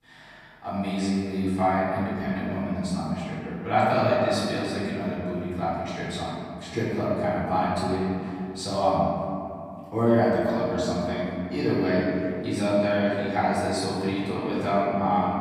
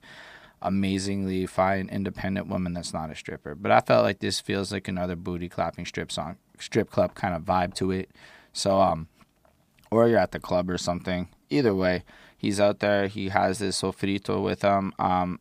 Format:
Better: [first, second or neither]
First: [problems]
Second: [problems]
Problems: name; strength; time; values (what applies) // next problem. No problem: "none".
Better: second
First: off-mic speech; far // room echo; strong; dies away in 2.7 s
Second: none